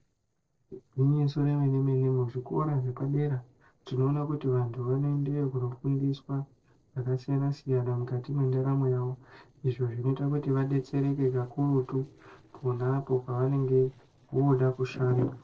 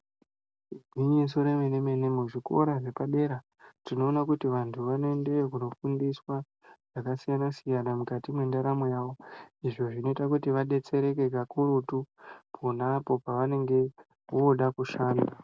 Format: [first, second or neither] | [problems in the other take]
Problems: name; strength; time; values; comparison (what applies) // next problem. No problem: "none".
second | noise reduction (neural separator model SepFormer DNS4)